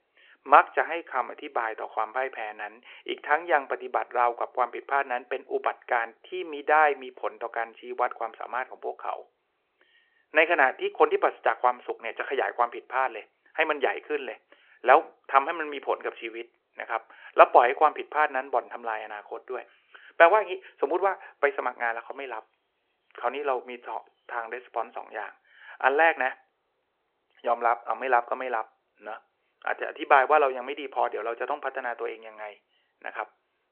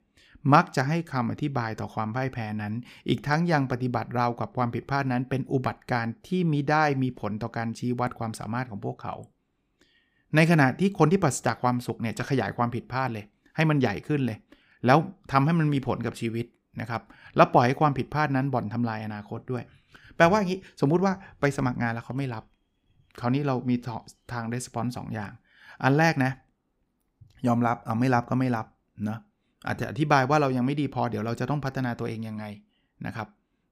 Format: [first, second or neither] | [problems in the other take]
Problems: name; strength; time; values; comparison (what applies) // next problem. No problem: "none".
second | phone-call audio